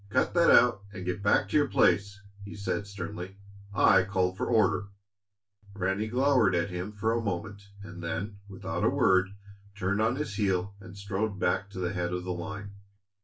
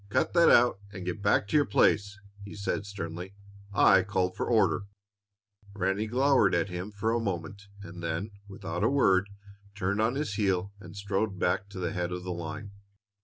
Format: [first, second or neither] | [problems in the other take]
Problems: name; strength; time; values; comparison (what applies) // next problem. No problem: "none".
second | room echo; dies away in 0.2 s